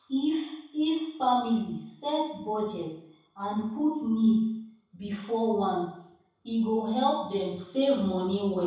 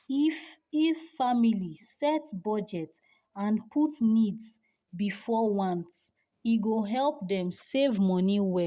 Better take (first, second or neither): second